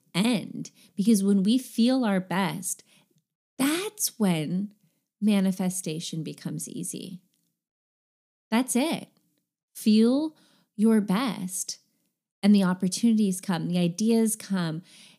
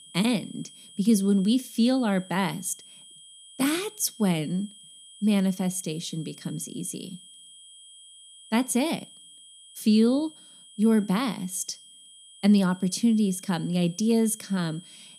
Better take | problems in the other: first | high-pitched whine; faint; throughout; 3 kHz, 20 dB below the speech

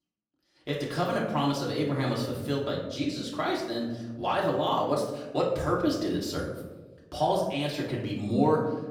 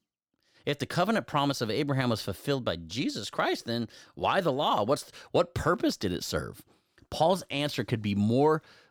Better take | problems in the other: second | off-mic speech; far // room echo; noticeable; dies away in 0.9 s

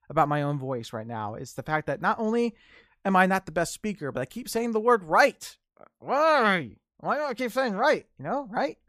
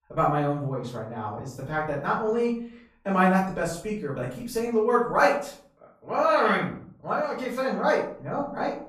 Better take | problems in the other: first | off-mic speech; far // room echo; noticeable; dies away in 0.5 s

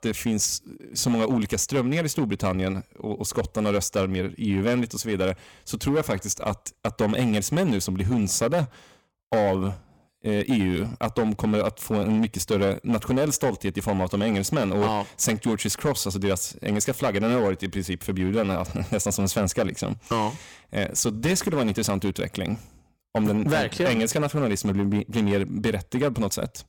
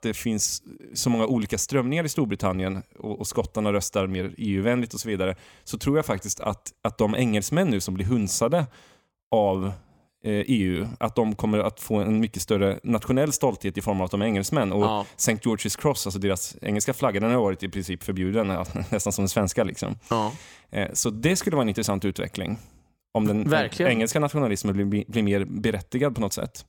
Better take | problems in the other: second | distortion; slight; 8% of the sound clipped

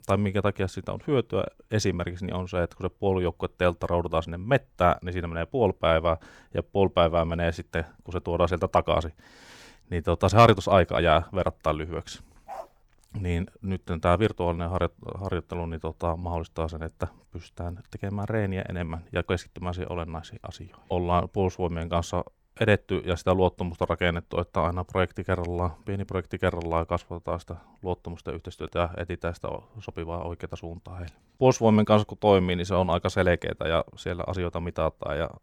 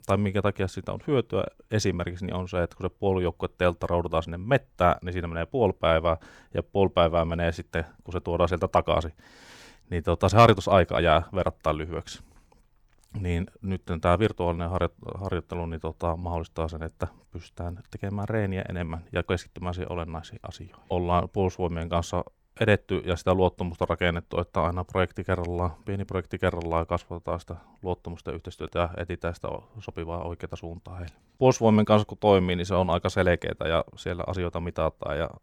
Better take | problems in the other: second | dog barking; faint; at 12 s; peak 15 dB below the speech

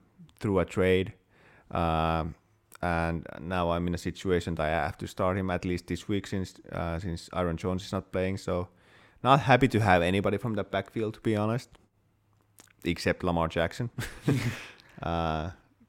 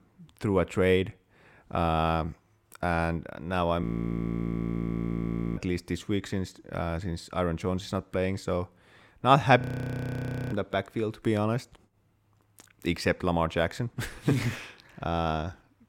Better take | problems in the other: first | audio freezing; at 4 s for 1.5 s and at 9.5 s for 1 s

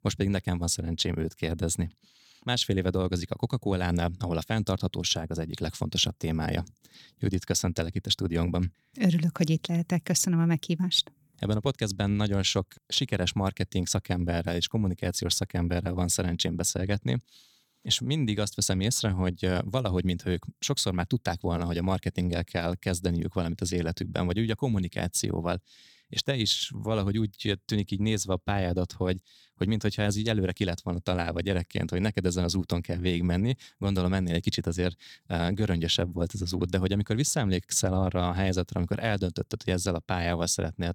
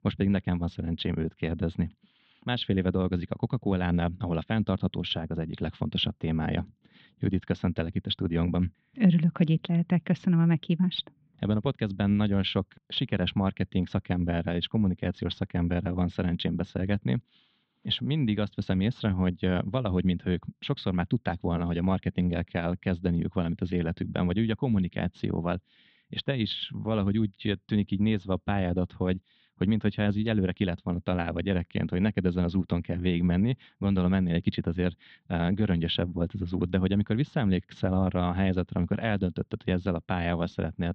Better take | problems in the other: first | muffled; very; fading above 3.5 kHz

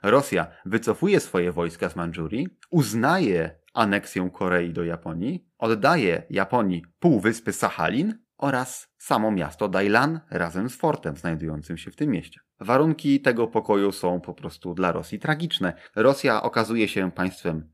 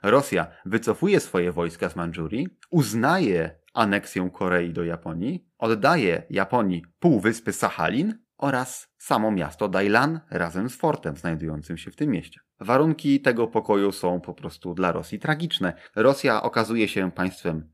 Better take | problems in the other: neither | none

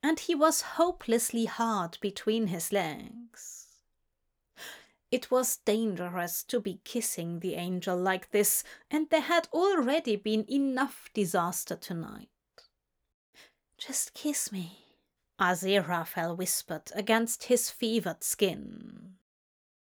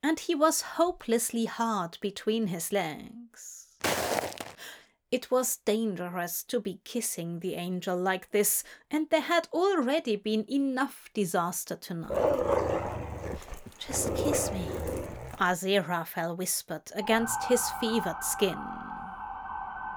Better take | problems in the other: first | footsteps; loud; at 4 s; peak 1 dB above the speech // dog barking; loud; from 12 to 15 s; peak 3 dB above the speech // siren; noticeable; from 17 s on; peak 5 dB below the speech

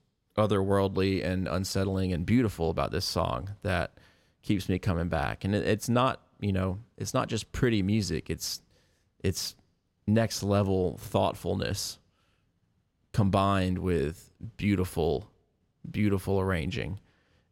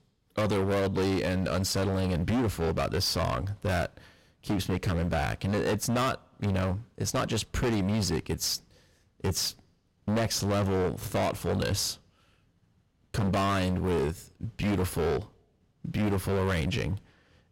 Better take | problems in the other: first | distortion; heavy; 19% of the sound clipped

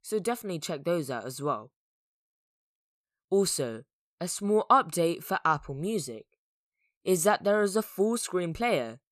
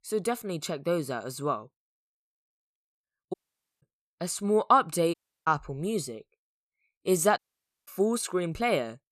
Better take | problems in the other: first | audio cutting out; at 3.5 s, at 5 s and at 7.5 s

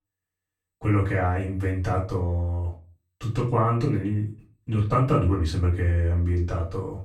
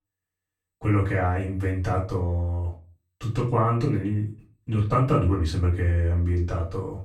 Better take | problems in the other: neither | off-mic speech; far; the same in both // room echo; slight; dies away in 0.3 s; the same in both

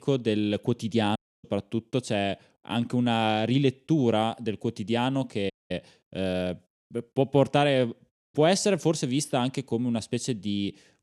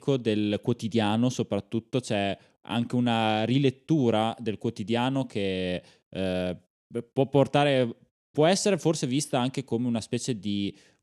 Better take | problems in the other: second | audio cutting out; at 1 s and at 5.5 s

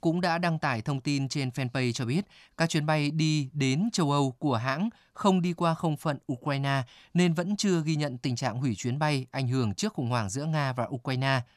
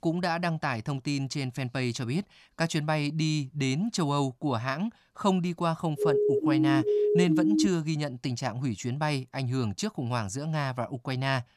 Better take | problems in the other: first | siren; loud; from 6 to 7.5 s; peak 5 dB above the speech

